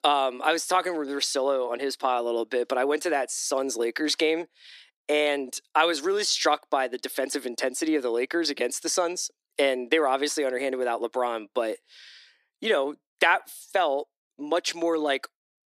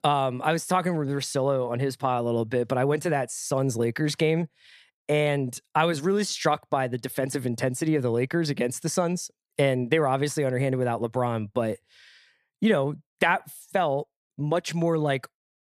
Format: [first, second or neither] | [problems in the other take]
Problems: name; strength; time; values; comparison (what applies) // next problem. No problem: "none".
second | thin; somewhat; fading below 300 Hz